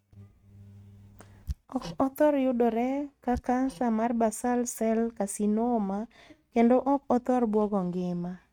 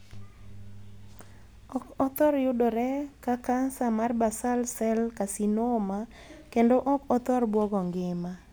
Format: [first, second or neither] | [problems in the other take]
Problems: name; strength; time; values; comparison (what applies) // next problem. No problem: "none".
second | noise reduction (neural mask model RNNoise)